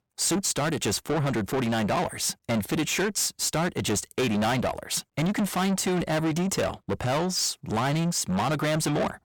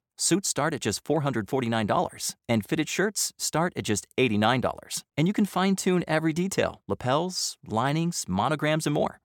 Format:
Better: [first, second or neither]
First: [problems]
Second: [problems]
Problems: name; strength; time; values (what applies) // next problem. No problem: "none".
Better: second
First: distortion; heavy; 6 dB below the speech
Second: none